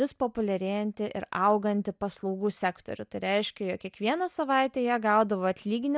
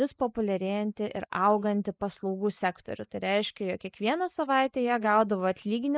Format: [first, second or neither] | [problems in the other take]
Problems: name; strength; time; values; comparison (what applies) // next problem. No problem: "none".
first | noise reduction (neural mask model Resemble Enhance denoiser)